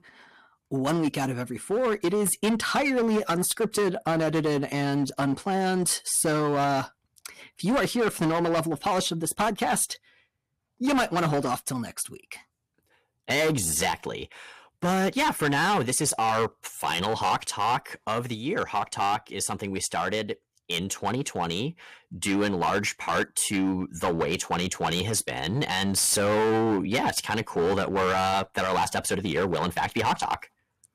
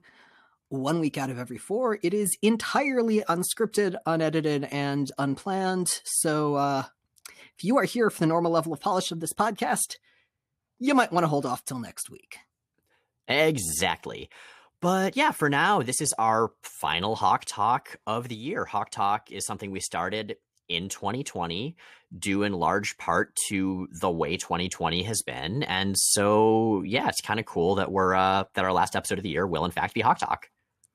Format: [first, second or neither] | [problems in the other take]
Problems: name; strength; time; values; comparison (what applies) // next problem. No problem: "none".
second | distortion; heavy; 12% of the sound clipped